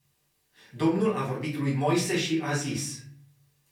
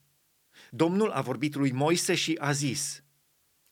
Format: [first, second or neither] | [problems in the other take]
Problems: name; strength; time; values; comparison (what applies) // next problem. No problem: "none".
second | off-mic speech; far // room echo; slight; dies away in 0.6 s